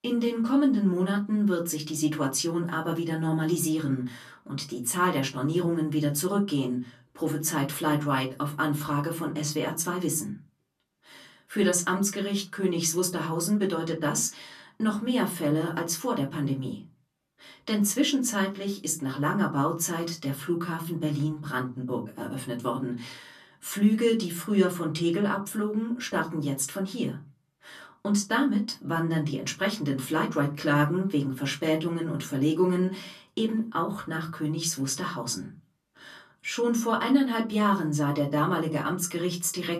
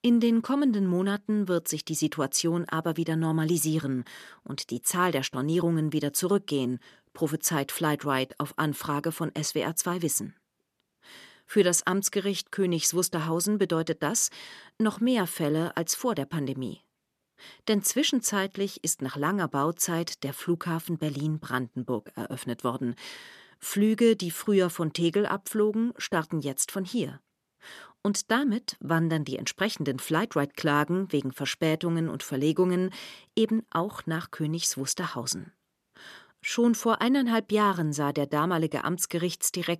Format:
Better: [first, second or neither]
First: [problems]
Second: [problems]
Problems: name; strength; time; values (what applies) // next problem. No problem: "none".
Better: second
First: off-mic speech; far // room echo; very slight; dies away in 0.2 s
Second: none